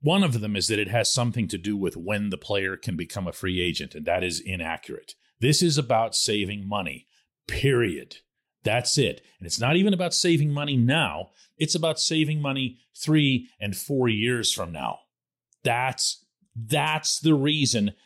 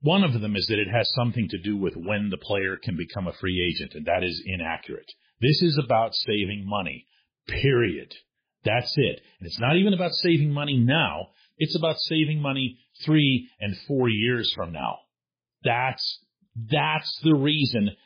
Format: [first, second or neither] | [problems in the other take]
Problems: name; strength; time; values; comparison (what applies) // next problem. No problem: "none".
first | garbled, watery; badly; nothing above 5 kHz